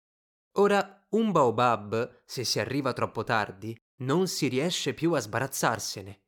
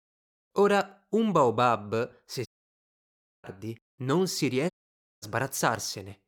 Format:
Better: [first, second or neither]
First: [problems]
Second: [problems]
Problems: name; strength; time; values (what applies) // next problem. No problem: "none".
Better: first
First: none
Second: audio cutting out; at 2.5 s for 1 s and at 4.5 s for 0.5 s